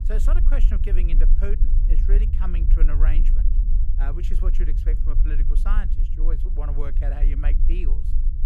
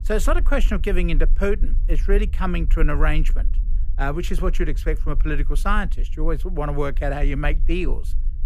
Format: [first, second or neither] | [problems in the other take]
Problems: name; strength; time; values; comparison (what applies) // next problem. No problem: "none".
second | low rumble; loud; throughout; 7 dB below the speech; faint in the second